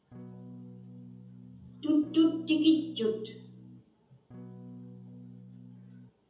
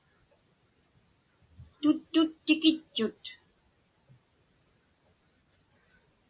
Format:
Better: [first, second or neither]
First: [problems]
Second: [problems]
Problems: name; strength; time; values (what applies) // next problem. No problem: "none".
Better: second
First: background sound (Electric guitar / Strum); 15 dB below the speech // room echo; dies away in 0.7 s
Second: none